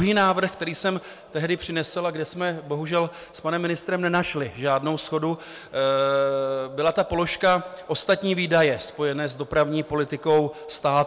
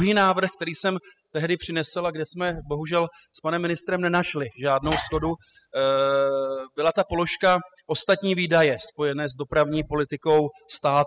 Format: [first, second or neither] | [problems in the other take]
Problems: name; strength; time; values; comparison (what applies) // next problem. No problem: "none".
first | noise reduction (classical method spectral subtraction)